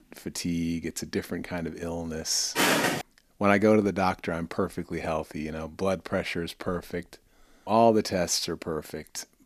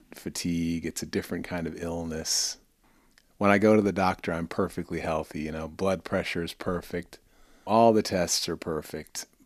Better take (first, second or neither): second